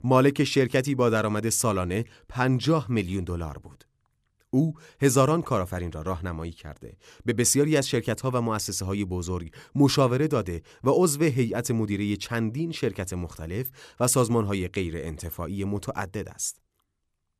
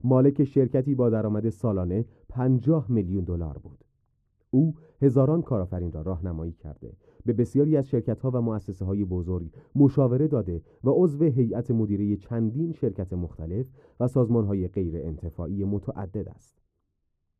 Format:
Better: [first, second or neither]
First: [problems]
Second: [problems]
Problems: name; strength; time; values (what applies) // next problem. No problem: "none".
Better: first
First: none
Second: muffled; very; fading above 1.5 kHz